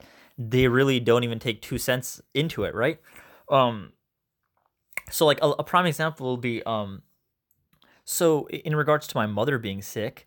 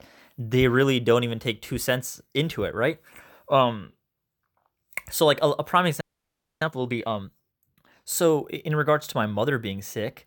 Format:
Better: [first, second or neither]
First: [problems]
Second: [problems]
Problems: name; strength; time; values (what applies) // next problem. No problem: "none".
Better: first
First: none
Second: audio freezing; at 6 s for 0.5 s